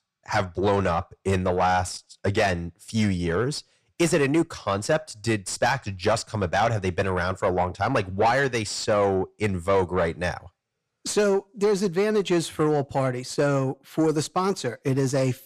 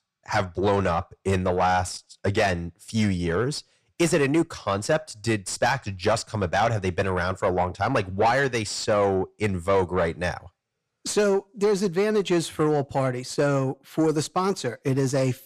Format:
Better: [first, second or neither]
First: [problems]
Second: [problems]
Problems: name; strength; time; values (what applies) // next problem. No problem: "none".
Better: neither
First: distortion; slight; 10 dB below the speech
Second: distortion; slight; 10 dB below the speech